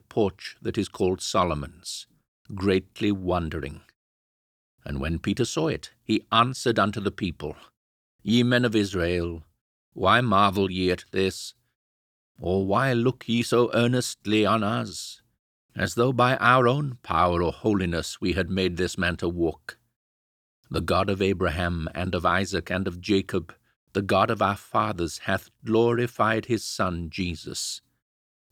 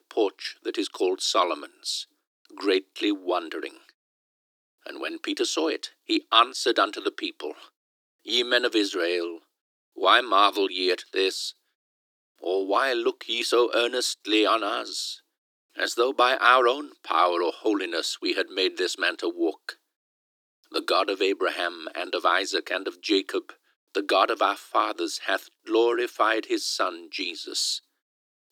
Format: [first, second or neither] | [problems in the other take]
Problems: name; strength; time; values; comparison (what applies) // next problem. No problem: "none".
first | thin; somewhat; fading below 300 Hz